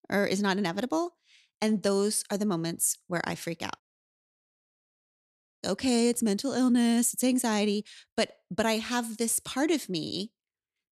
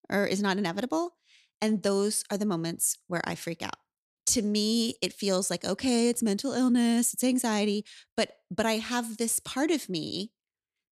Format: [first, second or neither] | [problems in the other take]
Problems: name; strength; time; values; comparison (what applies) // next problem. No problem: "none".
second | audio cutting out; at 4 s for 2 s